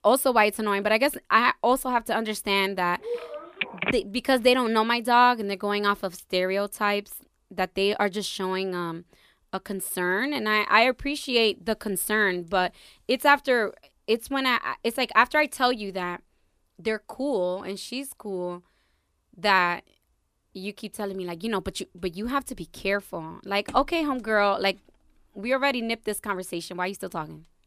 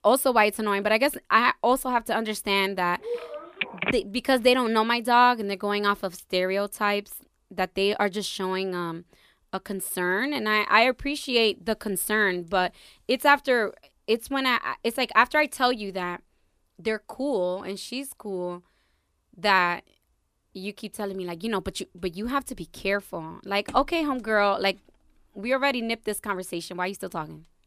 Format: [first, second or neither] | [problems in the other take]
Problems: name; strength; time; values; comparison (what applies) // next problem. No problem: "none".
neither | phone ringing; noticeable; at 3 s; peak 3 dB below the speech; the same in both